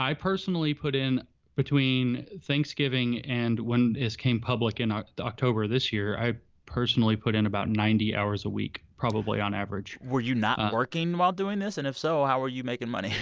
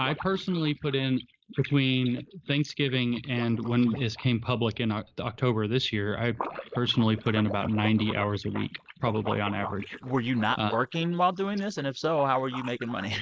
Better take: first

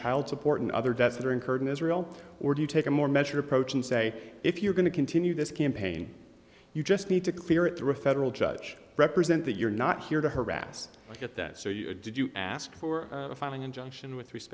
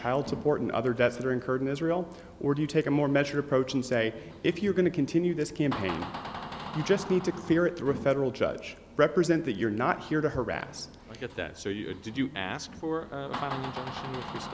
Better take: first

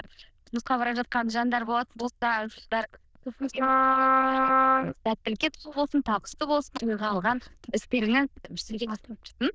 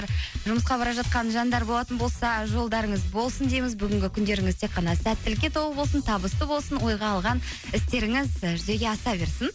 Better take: second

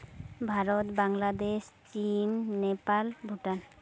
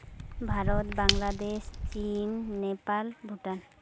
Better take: first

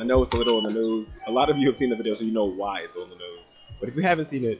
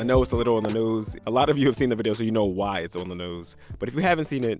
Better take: second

